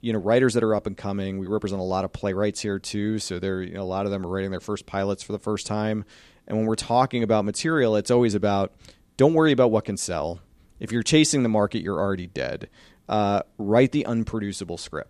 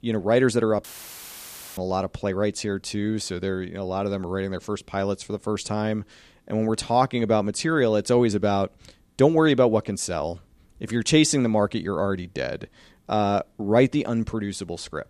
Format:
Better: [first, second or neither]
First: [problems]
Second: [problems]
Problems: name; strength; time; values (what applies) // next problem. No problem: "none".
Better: first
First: none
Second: audio cutting out; filled with static; at 1 s for 1 s